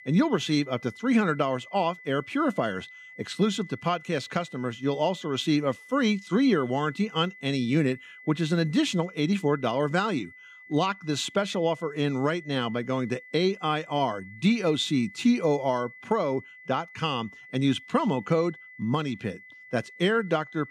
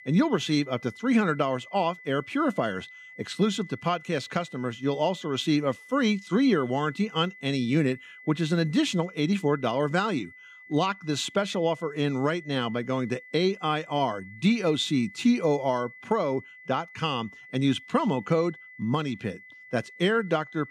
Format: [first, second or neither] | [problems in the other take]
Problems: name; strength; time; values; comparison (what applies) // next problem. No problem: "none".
neither | high-pitched whine; noticeable; throughout; 2 kHz, 20 dB below the speech; the same in both